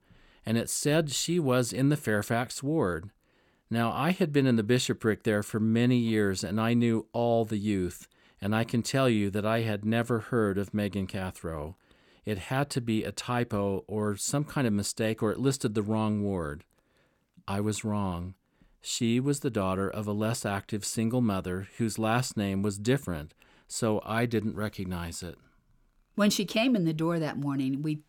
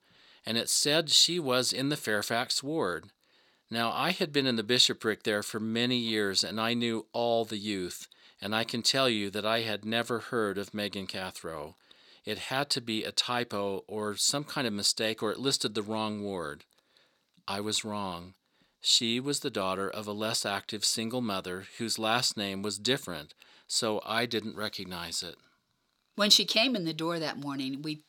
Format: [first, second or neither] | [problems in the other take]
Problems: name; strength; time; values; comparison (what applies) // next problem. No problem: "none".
first | thin; very slightly; fading below 950 Hz